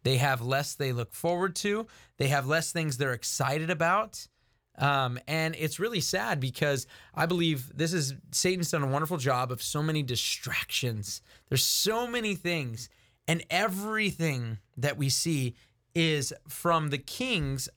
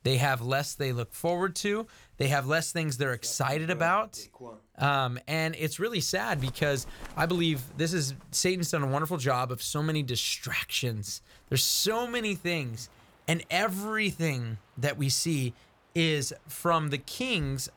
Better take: first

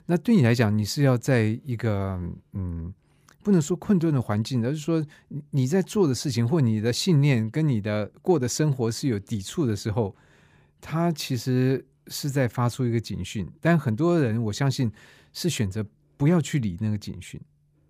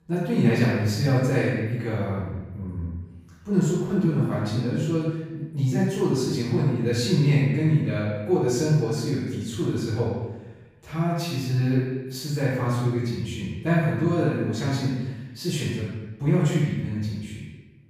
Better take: first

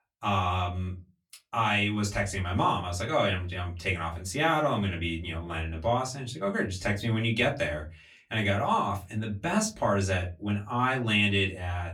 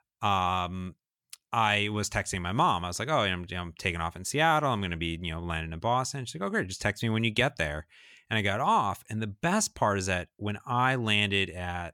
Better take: second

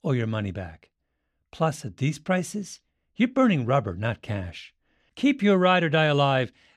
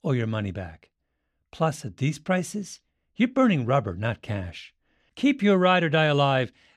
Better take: neither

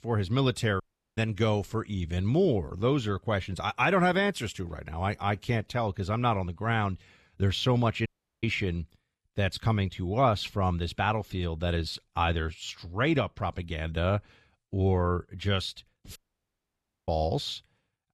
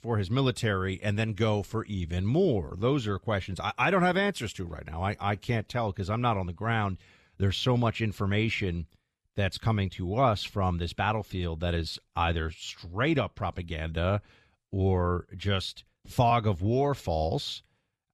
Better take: second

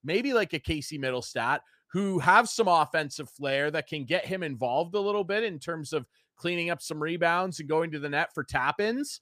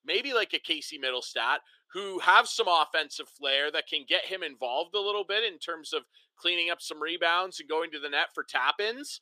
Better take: first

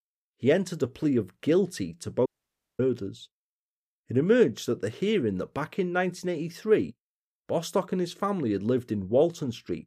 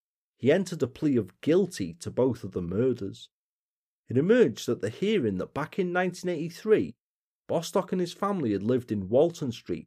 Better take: second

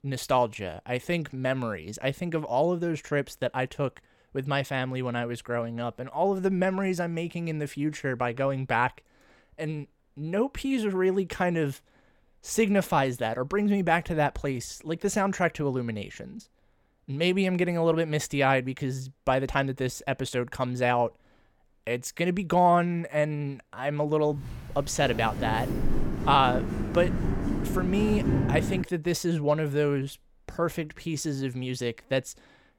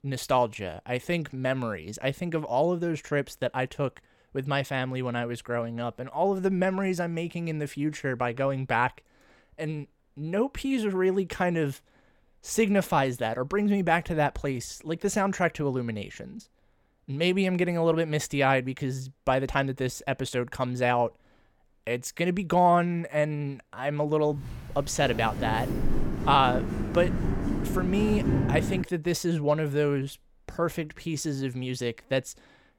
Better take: neither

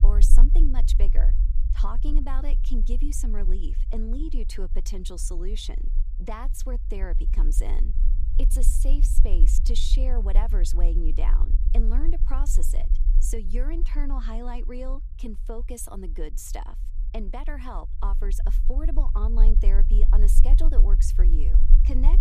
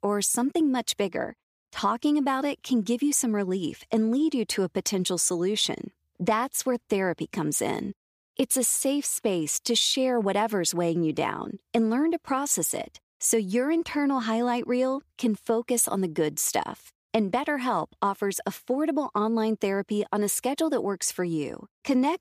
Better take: second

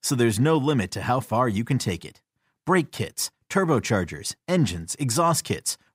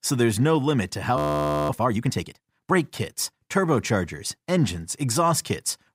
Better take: first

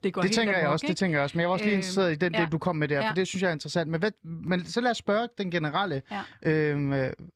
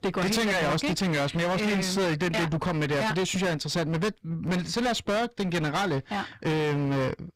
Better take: first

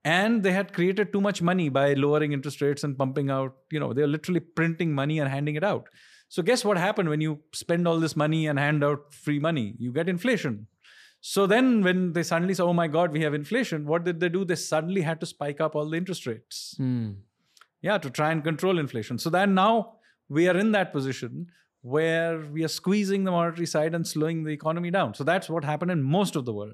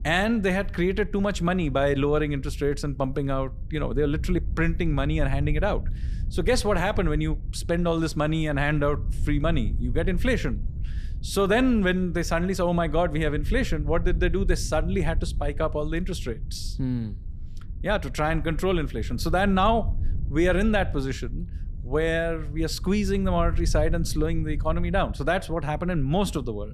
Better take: first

